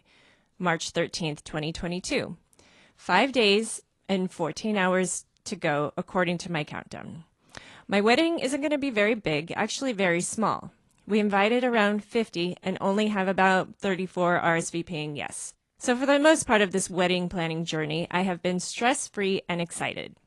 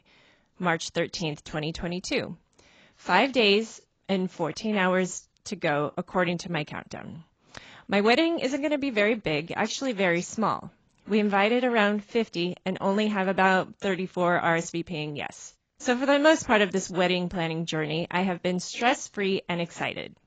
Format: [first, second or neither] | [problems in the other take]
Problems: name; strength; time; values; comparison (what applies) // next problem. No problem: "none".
first | garbled, watery; badly; nothing above 7.5 kHz; slightly in the first